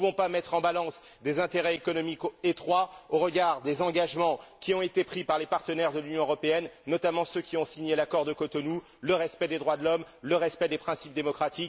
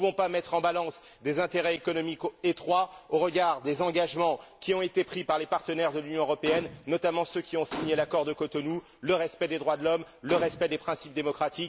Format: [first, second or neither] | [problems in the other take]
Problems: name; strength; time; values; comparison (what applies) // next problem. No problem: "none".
first | background sound (Gunshot, gunfire); 13 dB below the speech